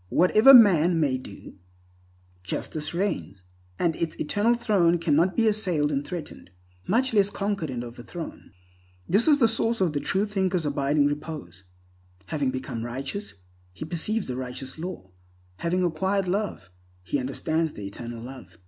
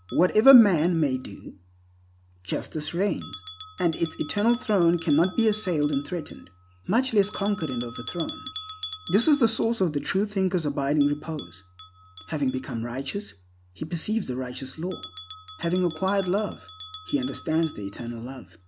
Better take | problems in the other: first | background sound (Bell); 18 dB below the speech

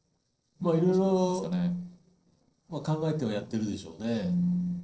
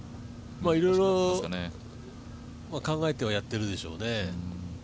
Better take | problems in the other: second | noise reduction (neural separator model SepFormer DNS4)

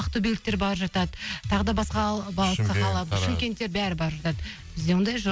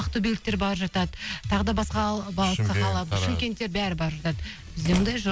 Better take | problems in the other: first | background sound (Slam); 15 dB below the speech

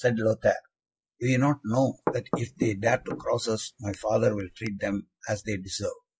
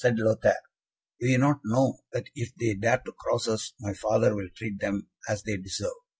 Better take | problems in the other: second | noise reduction (neural mask model Resemble Enhance denoiser)

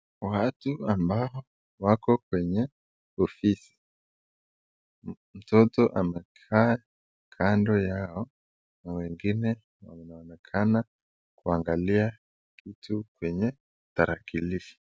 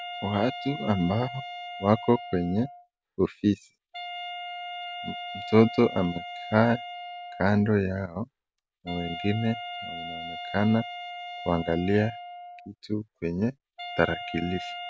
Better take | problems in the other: first | background sound (Wind instrument, woodwind instrument); 11 dB below the speech

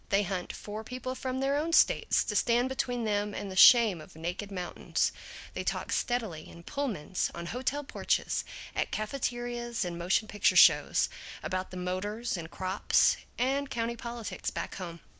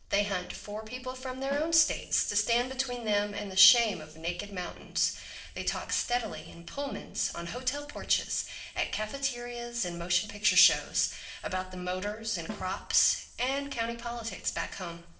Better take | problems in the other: first | noise reduction (neural separator model SepFormer DNS4)

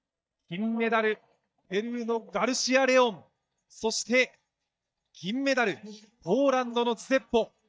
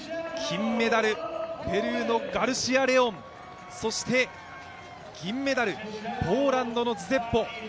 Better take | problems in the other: second | noise reduction (neural mask model DeepFilterNet 3)

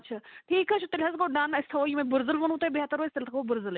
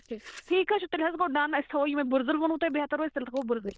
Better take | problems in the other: first | noise reduction (neural diffusion model UNIVERSE++)

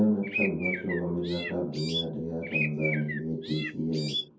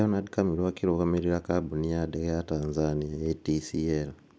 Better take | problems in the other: second | background sound (Bird); 5 dB below the speech // room echo; dies away in 0.6 s

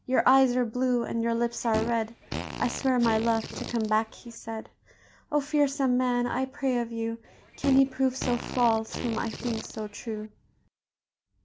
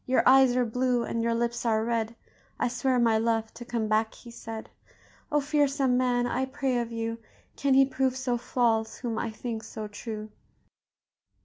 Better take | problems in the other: second | background sound (Fart); 10 dB below the speech

